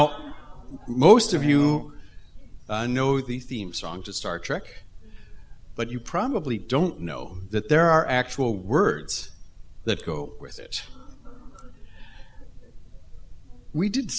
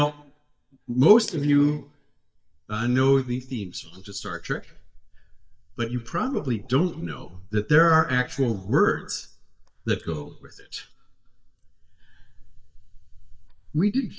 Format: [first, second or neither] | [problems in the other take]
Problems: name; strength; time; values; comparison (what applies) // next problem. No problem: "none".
first | noise reduction (neural mask model DeepFilterNet 3)